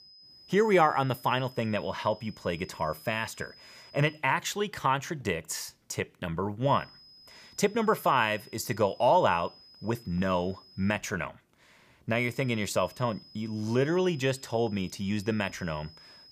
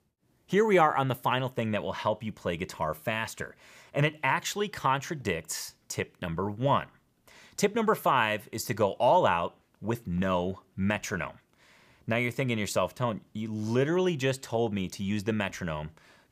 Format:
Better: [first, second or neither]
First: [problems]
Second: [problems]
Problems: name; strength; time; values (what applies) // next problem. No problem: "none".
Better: second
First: high-pitched whine; faint; until 4 s, from 6.5 to 11 s and from 12 s on; 5 kHz, 25 dB below the speech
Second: none